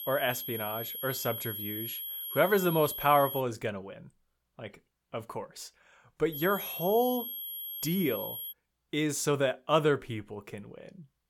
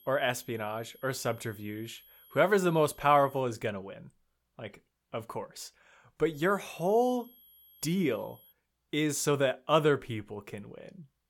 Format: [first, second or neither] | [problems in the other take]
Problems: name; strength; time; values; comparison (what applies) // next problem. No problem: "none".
second | high-pitched whine; loud; until 3.5 s and from 6.5 to 8.5 s; 11.5 kHz, 6 dB below the speech; faint in the second